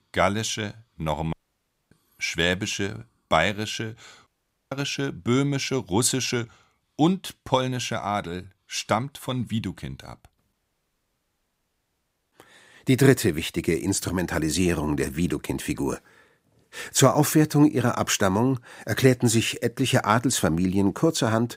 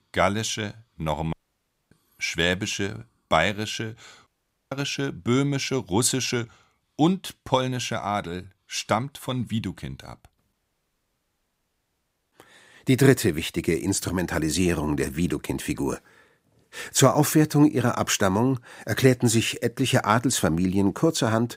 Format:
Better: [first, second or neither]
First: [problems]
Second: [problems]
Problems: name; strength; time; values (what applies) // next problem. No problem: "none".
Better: neither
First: audio cutting out; at 1.5 s for 0.5 s, at 4.5 s and at 11 s for 2 s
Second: audio cutting out; at 1.5 s for 0.5 s, at 4.5 s and at 11 s for 2 s